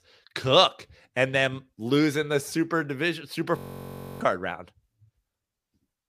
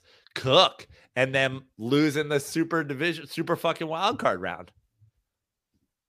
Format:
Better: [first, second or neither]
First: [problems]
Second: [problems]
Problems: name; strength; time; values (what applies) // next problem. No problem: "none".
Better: second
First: audio freezing; at 3.5 s for 0.5 s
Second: none